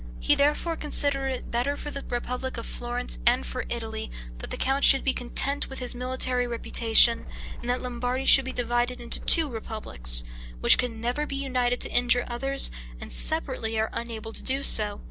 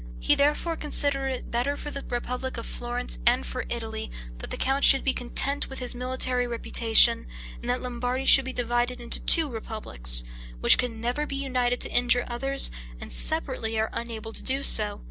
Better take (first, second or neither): second